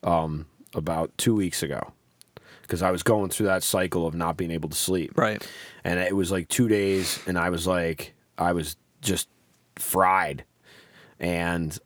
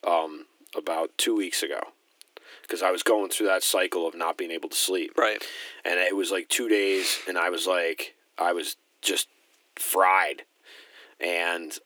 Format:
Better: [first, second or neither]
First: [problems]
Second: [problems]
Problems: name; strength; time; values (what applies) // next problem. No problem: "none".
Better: first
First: none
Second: thin; somewhat; fading below 300 Hz